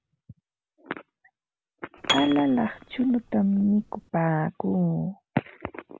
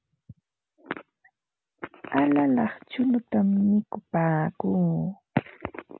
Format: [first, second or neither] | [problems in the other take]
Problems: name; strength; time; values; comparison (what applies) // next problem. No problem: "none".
second | background sound (Piano); 8 dB below the speech